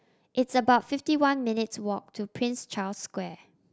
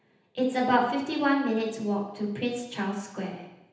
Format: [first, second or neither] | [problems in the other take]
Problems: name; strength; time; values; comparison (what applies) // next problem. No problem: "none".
first | room echo; dies away in 0.9 s